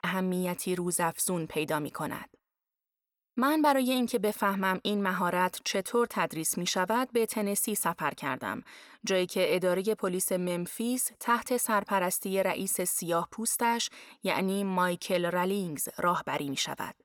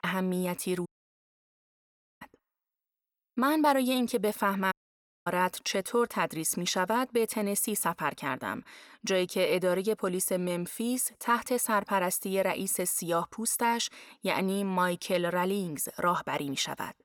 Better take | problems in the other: first | audio cutting out; at 1 s for 1.5 s and at 4.5 s for 0.5 s

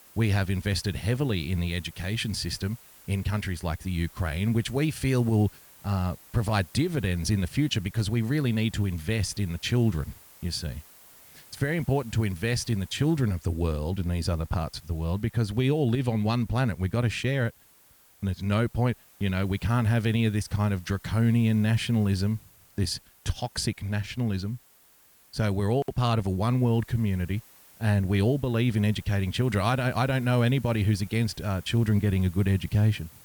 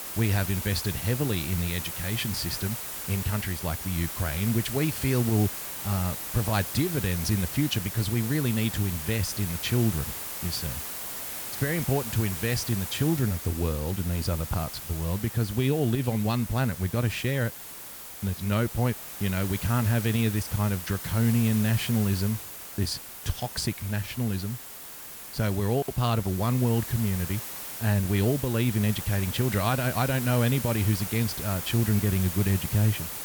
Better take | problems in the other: first | hiss; loud; throughout; 6 dB below the speech; faint in the first

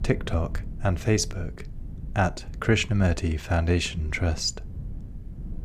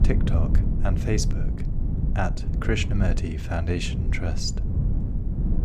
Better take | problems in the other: first | low rumble; loud; throughout; 8 dB below the speech; faint in the first

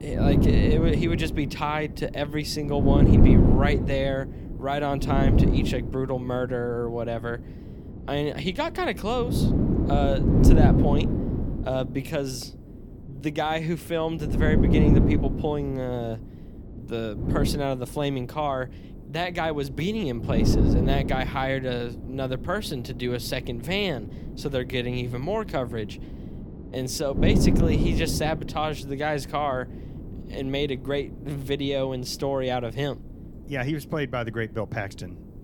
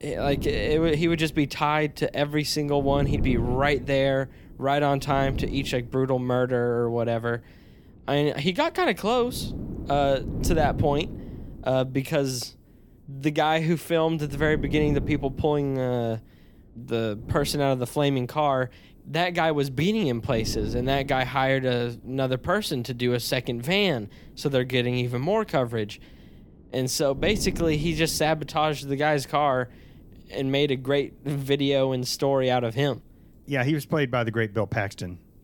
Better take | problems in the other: second | wind noise on the microphone; heavy; 2 dB below the speech; occasional gusts in the second

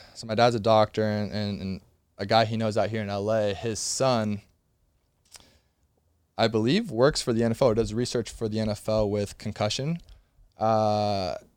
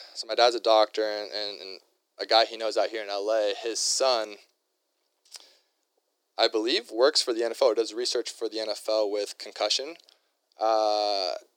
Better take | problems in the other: first | thin; very; fading below 300 Hz

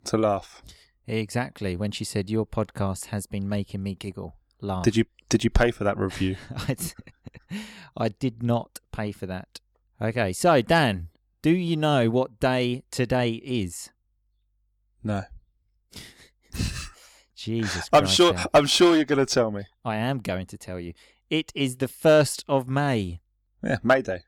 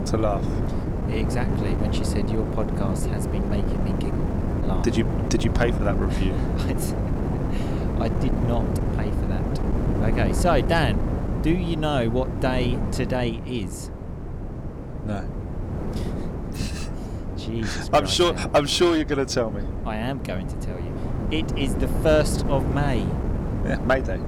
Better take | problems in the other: first | wind noise on the microphone; heavy; 7 dB below the speech

